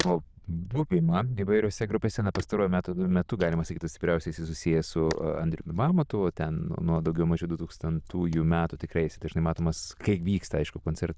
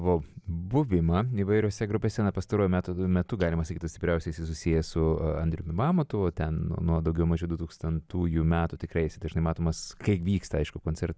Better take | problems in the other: second | noise reduction (neural diffusion model UNIVERSE++)

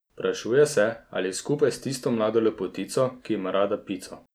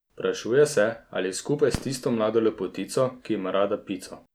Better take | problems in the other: first | background sound (Fireworks); 19 dB below the speech

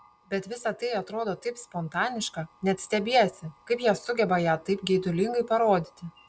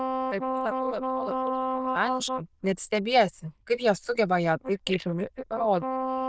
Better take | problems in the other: first | noise reduction (neural diffusion model UNIVERSE++)

